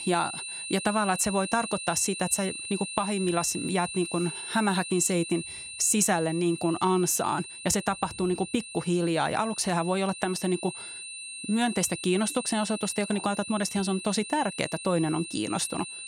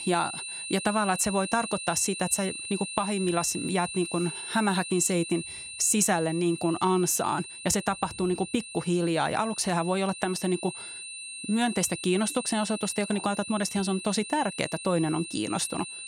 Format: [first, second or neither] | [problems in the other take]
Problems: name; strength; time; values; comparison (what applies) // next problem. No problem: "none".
neither | high-pitched whine; loud; throughout; 9 kHz, 9 dB below the speech; the same in both